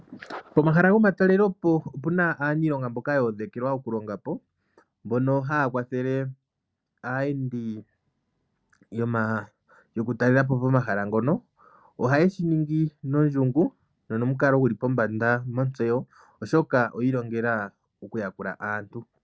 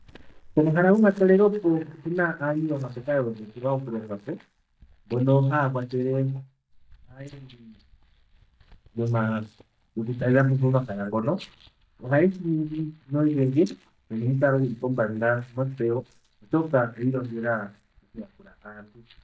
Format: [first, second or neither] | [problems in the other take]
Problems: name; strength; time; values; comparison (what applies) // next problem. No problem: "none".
first | noise reduction (neural mask model DeepFilterNet 3)